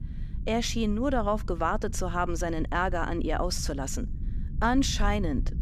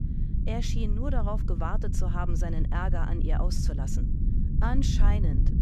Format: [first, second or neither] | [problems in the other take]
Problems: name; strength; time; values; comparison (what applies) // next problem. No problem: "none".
first | low rumble; loud; throughout; 6 dB below the speech; faint in the first